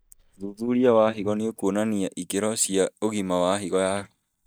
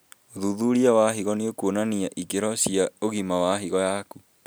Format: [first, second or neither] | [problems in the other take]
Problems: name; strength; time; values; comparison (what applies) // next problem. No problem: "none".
second | noise reduction (neural mask model DeepFilterNet 3)